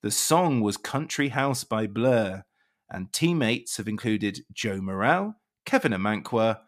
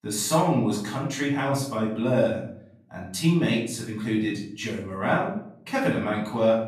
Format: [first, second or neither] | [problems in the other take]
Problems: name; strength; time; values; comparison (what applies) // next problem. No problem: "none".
first | off-mic speech; far // room echo; noticeable; dies away in 0.5 s